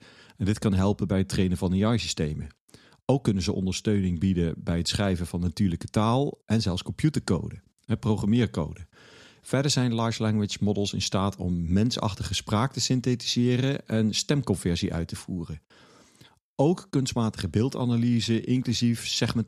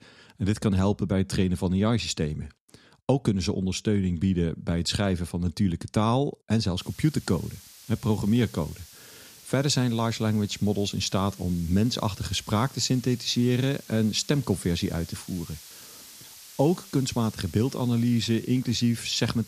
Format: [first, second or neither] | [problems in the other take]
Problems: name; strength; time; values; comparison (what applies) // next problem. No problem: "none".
first | hiss; noticeable; from 7 s on; 20 dB below the speech